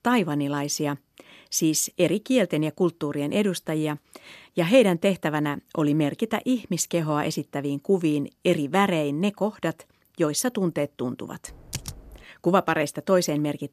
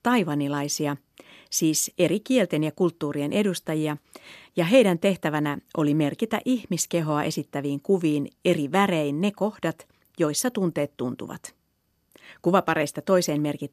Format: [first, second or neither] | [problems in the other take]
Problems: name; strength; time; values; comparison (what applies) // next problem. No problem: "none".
second | keyboard typing; faint; at 11 s; peak 10 dB below the speech